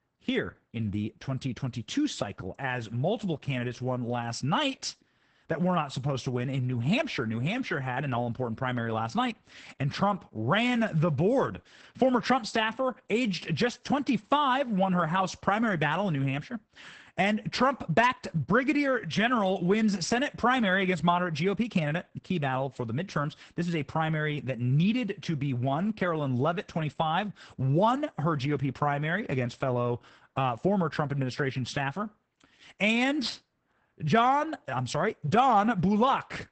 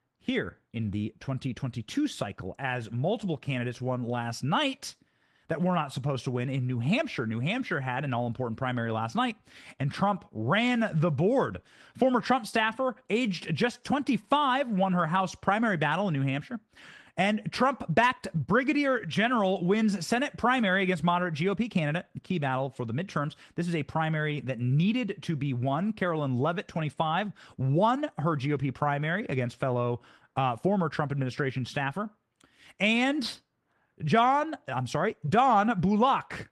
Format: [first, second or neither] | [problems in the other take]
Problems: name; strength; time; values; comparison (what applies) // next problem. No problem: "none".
second | garbled, watery; badly; nothing above 8 kHz; slightly in the second